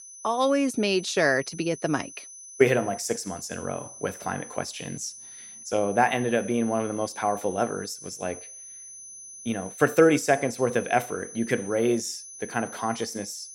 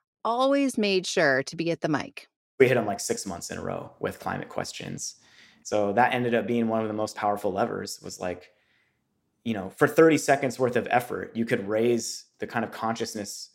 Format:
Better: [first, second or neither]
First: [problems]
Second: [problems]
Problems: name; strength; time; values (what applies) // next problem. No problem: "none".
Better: second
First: high-pitched whine; noticeable; throughout; 6 kHz, 15 dB below the speech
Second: none